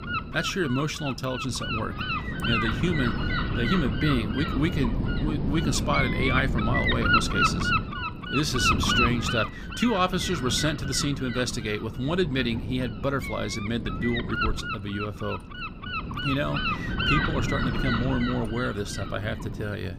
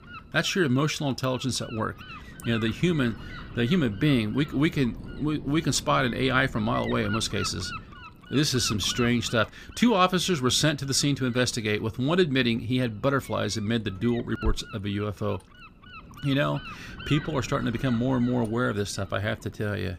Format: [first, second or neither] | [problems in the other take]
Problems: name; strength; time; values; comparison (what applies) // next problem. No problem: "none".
second | wind noise on the microphone; heavy; 2 dB above the speech; occasional gusts in the second